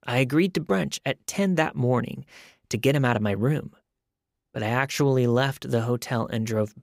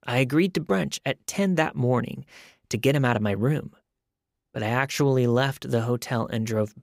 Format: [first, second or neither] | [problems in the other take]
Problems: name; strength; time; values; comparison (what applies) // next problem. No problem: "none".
neither | none